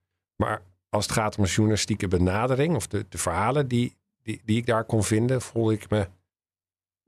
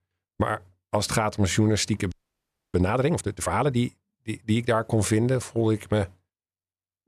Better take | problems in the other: first | audio freezing; at 2 s for 0.5 s

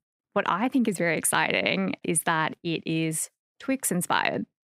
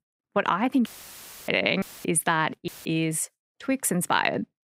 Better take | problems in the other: first | audio cutting out; filled with static; at 1 s for 0.5 s, at 2 s and at 2.5 s

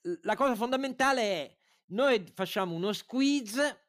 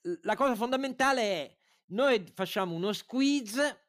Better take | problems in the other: neither | none

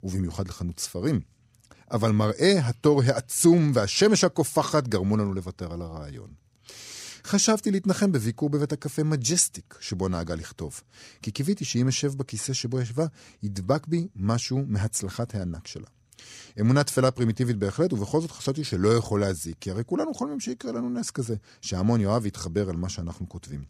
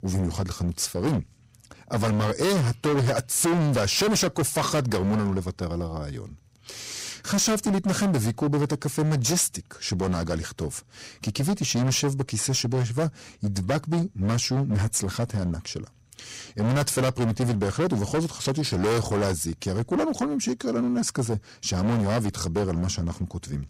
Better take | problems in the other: first | distortion; heavy; 19% of the sound clipped

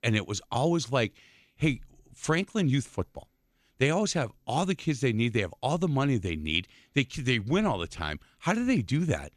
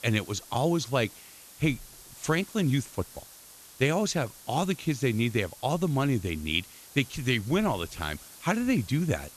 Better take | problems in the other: first | hiss; noticeable; throughout; 20 dB below the speech

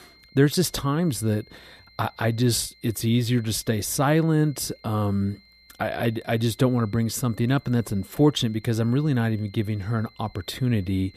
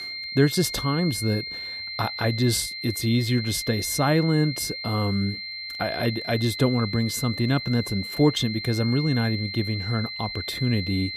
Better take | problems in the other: first | high-pitched whine; loud; throughout; 4 kHz, 6 dB below the speech; faint in the first

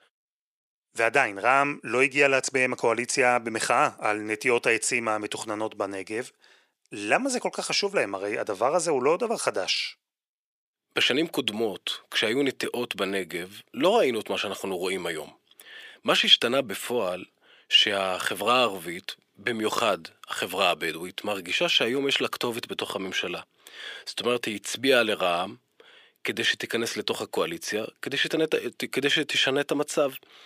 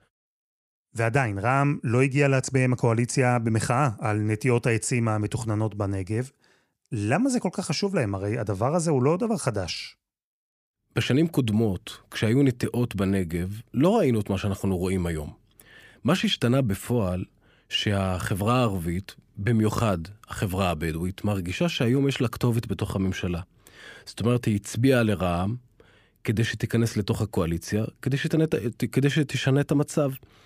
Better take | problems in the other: second | thin; somewhat; fading below 450 Hz

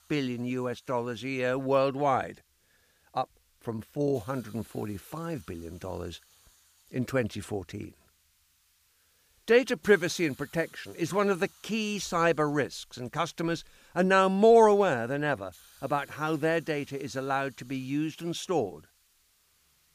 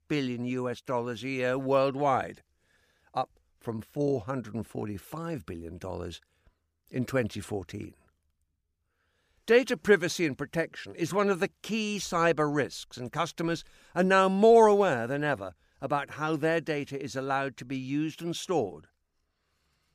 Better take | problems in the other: second | hiss; faint; throughout; 30 dB below the speech

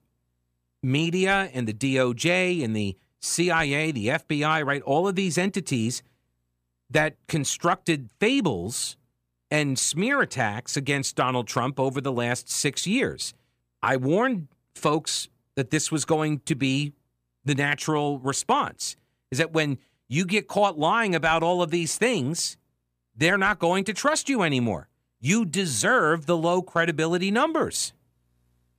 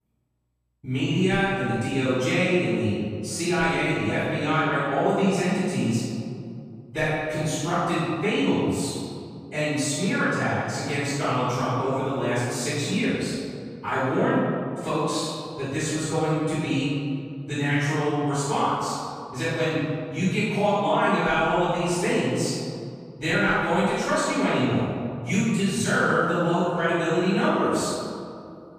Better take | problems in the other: first | room echo; strong; dies away in 2.2 s // off-mic speech; far

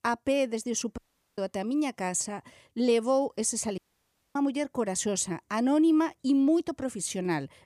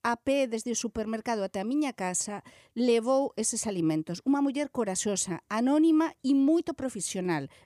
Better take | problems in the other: second | audio cutting out; at 1 s and at 4 s for 0.5 s

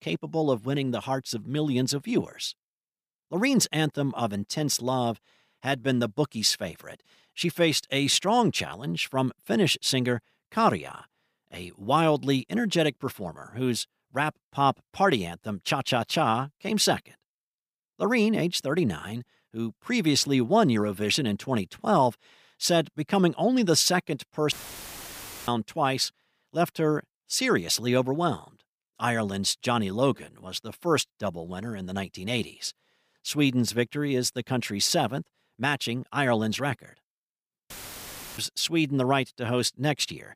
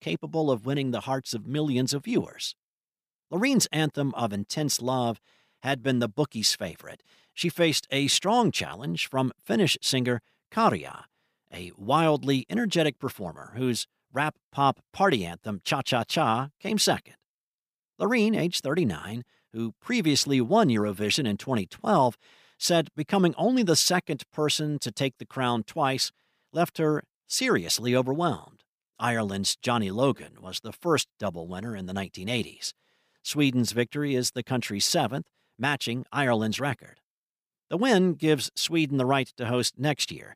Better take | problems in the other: second | audio cutting out; filled with static; at 25 s for 1 s and at 38 s for 0.5 s

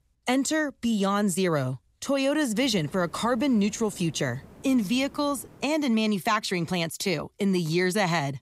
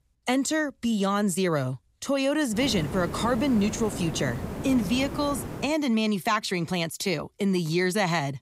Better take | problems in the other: first | hiss; loud; from 2.5 to 5.5 s; 9 dB below the speech; faint in the first

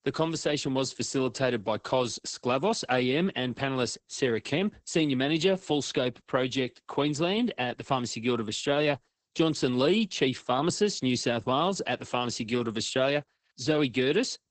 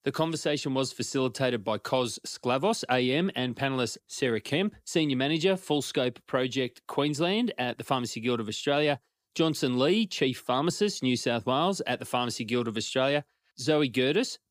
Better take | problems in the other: second | garbled, watery; badly; nothing above 8 kHz

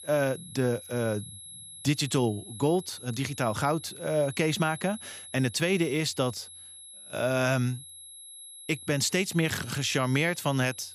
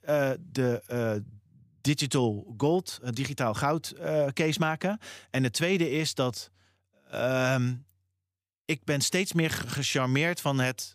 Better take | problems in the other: second | high-pitched whine; noticeable; throughout; 11 kHz, 15 dB below the speech

